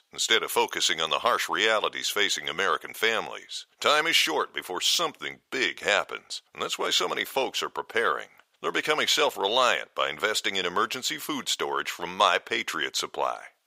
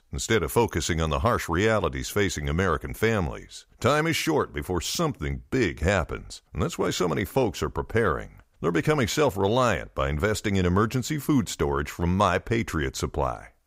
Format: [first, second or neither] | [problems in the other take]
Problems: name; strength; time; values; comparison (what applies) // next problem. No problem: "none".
second | thin; very; fading below 550 Hz